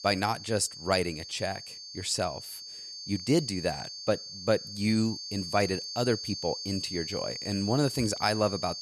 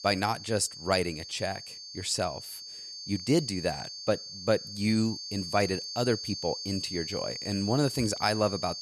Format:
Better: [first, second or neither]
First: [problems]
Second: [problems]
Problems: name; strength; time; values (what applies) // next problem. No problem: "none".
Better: neither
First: high-pitched whine; loud; throughout; 4.5 kHz, 8 dB below the speech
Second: high-pitched whine; loud; throughout; 4.5 kHz, 8 dB below the speech